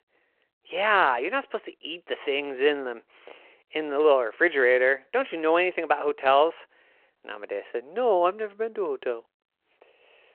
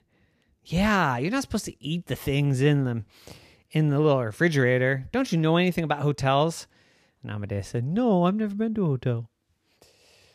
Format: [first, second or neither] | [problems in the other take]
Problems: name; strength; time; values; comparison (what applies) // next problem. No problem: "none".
second | phone-call audio